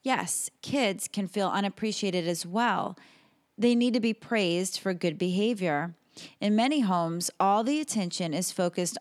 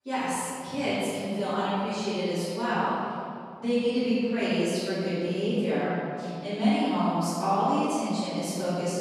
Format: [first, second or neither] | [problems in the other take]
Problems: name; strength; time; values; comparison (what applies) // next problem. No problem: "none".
first | off-mic speech; far // room echo; strong; dies away in 2.4 s